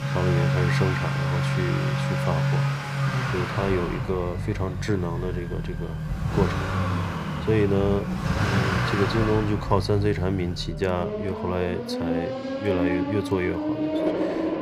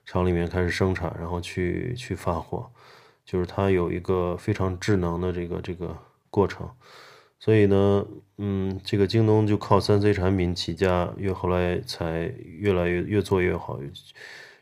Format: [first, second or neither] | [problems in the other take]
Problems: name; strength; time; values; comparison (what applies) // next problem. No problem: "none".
second | traffic noise; very loud; throughout; 1 dB above the speech